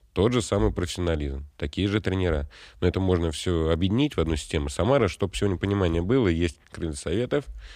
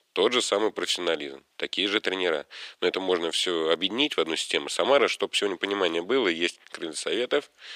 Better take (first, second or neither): first